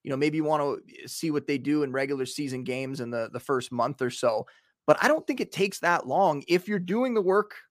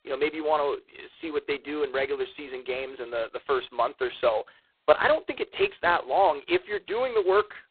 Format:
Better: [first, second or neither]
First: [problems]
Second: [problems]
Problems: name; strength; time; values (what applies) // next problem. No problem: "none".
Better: first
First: none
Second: phone-call audio; poor line; nothing above 4 kHz